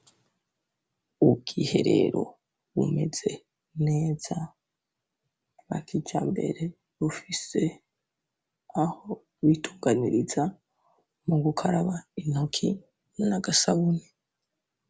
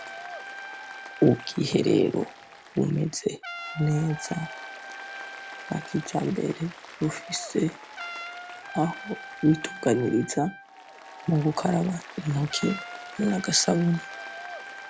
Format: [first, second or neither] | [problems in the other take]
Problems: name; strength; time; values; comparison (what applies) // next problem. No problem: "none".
first | background sound (Applause + Trumpet); 13 dB below the speech